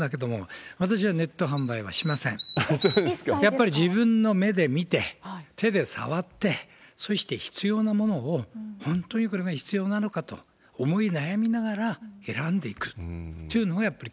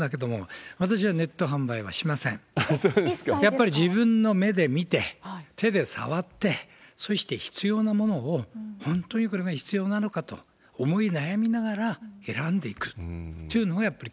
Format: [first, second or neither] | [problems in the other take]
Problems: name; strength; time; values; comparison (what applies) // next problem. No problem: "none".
second | background sound (Bird vocalization, bird call, bird song); 12 dB below the speech